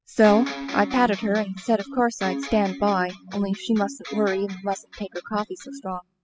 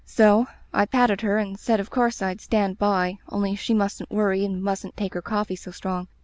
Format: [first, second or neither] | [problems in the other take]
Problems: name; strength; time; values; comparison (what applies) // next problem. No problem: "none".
second | noise reduction (classical method spectral subtraction)